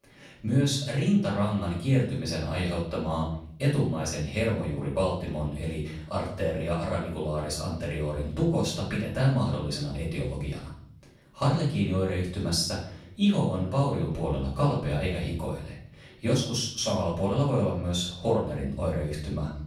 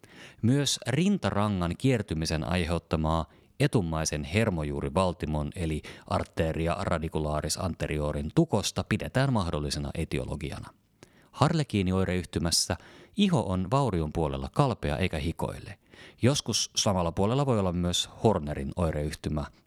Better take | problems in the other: second | off-mic speech; far // room echo; noticeable; dies away in 0.6 s

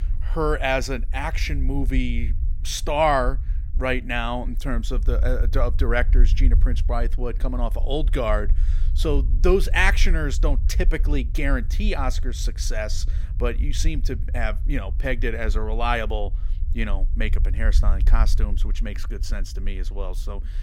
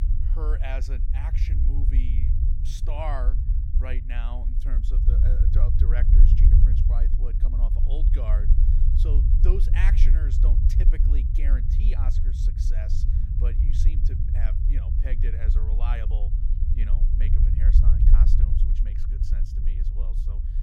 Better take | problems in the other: first | low rumble; loud; throughout; 2 dB below the speech; faint in the first

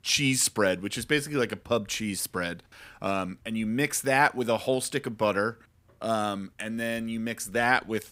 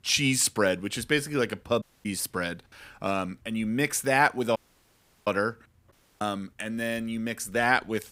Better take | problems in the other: first | audio cutting out; at 2 s, at 4.5 s for 0.5 s and at 6 s

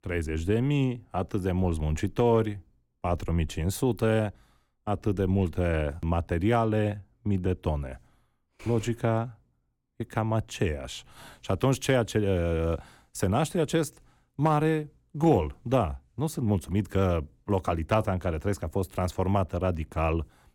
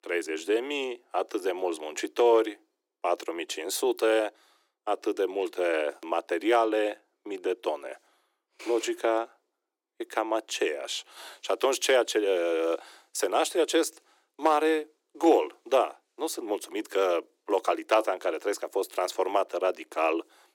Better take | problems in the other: first | thin; very; fading below 350 Hz

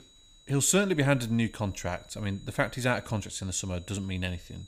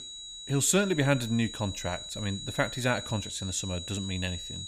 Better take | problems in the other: first | high-pitched whine; loud; throughout; 4 kHz, 9 dB below the speech; faint in the first

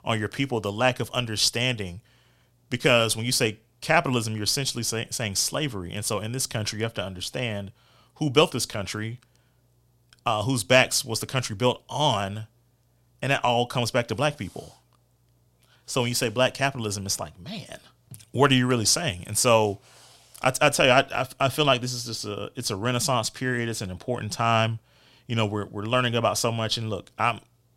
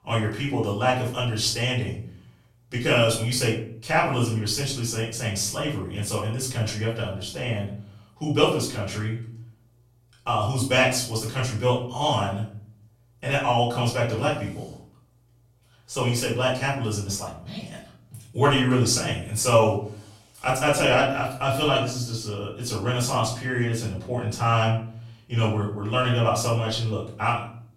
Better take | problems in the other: first | off-mic speech; far // room echo; noticeable; dies away in 0.5 s

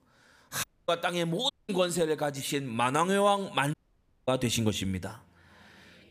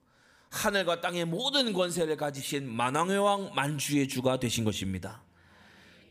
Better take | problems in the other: second | audio cutting out; at 0.5 s, at 1.5 s and at 3.5 s for 0.5 s

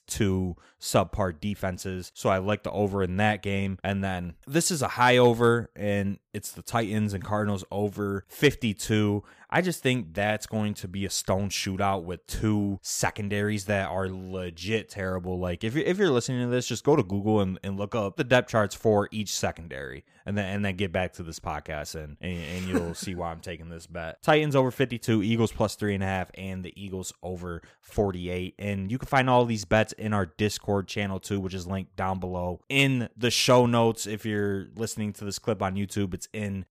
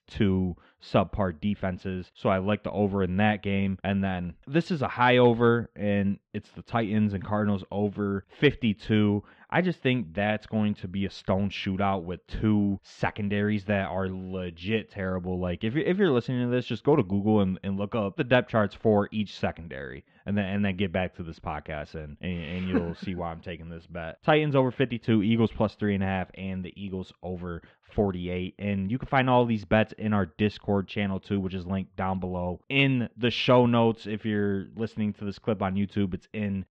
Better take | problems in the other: first | muffled; very; fading above 3 kHz

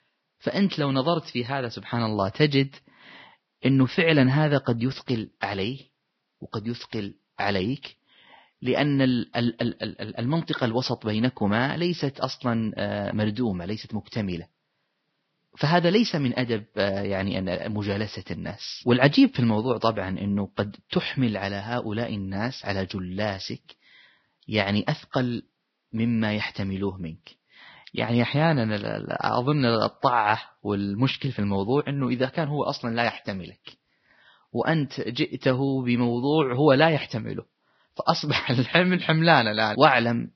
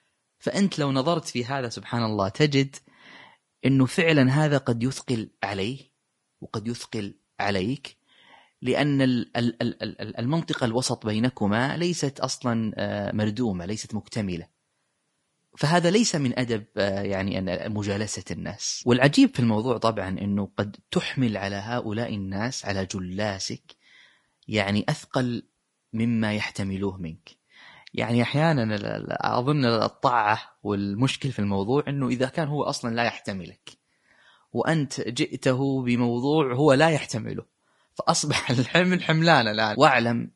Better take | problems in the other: second | garbled, watery; badly; nothing above 5.5 kHz; slightly in the second

